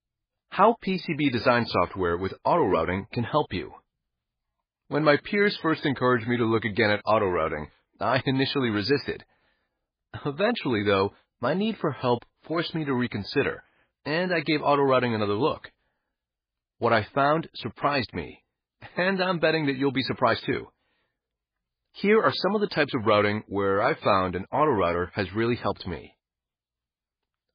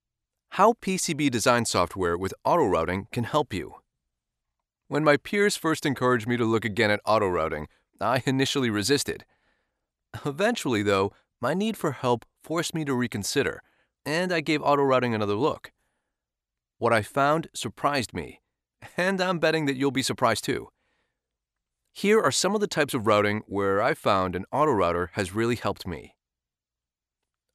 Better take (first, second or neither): second